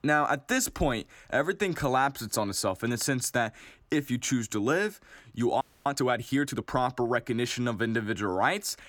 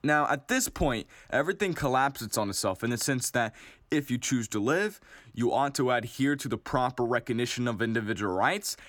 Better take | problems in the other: second | audio freezing; at 5.5 s

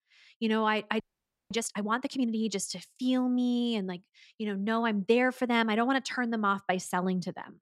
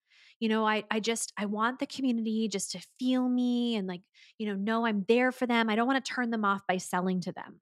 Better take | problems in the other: second | audio freezing; at 1 s for 0.5 s

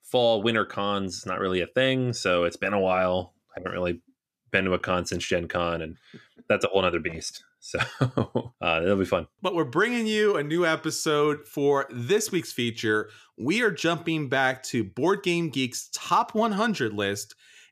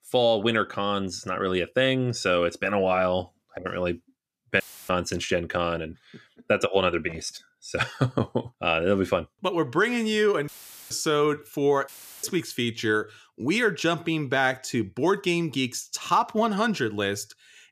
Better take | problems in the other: first | audio cutting out; filled with static; at 4.5 s, at 10 s and at 12 s

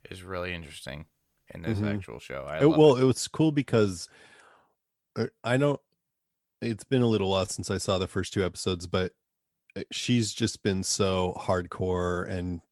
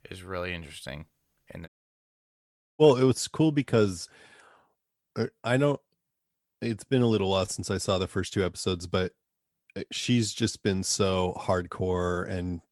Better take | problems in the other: first | audio cutting out; at 1.5 s for 1 s

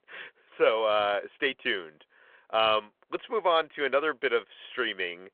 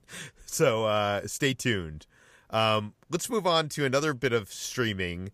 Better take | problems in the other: second | phone-call audio

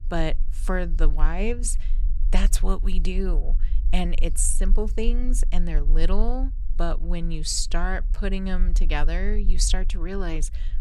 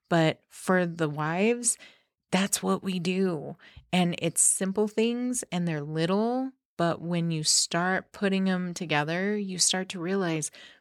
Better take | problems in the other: second | low rumble; faint; throughout; 20 dB below the speech

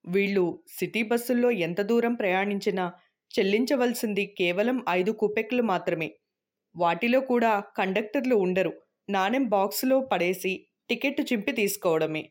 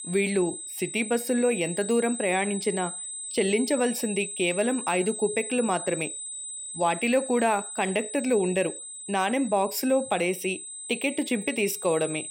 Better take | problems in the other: first | high-pitched whine; loud; throughout; 8 kHz, 8 dB below the speech

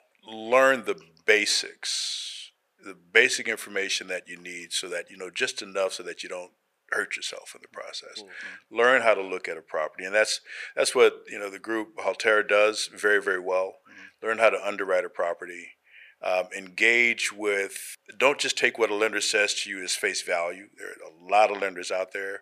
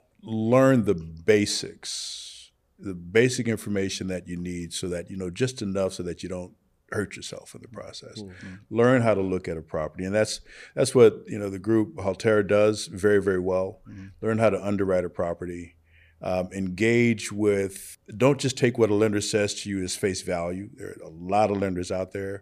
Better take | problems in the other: second | thin; very; fading below 650 Hz

